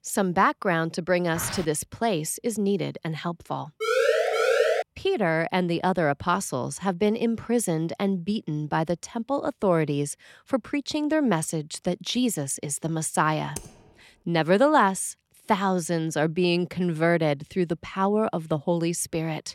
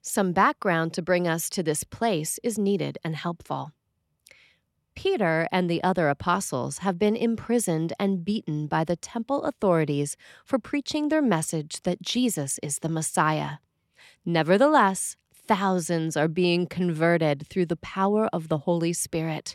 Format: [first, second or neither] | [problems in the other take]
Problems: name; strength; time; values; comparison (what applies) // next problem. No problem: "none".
second | footsteps; noticeable; at 1.5 s; peak 9 dB below the speech // siren; loud; from 4 to 5 s; peak 4 dB above the speech // keyboard typing; faint; at 14 s; peak 15 dB below the speech